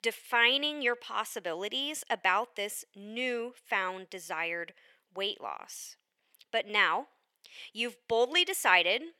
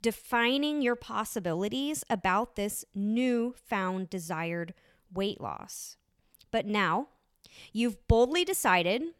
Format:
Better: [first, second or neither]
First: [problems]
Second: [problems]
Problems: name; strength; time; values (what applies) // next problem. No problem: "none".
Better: second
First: thin; somewhat; fading below 500 Hz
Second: none